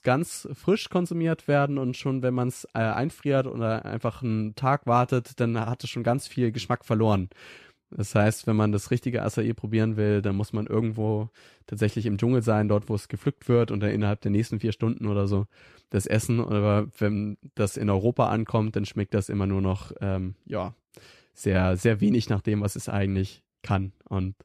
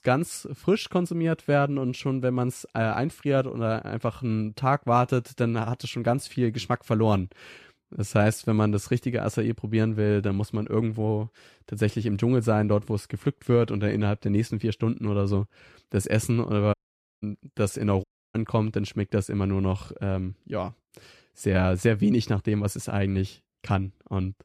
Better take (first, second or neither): first